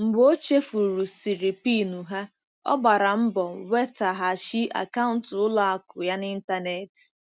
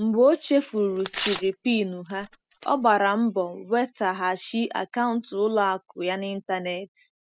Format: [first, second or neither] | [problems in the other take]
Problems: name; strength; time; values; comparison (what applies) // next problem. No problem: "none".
first | noise reduction (classical method spectral subtraction)